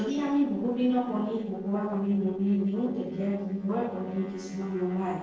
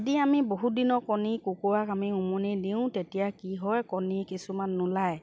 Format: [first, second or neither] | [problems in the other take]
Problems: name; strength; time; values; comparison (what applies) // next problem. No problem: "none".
second | noise reduction (neural separator model SepFormer DNS4)